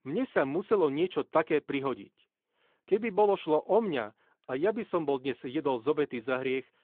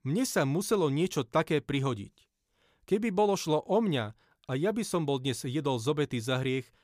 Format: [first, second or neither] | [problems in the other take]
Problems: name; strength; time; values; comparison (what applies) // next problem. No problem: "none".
second | phone-call audio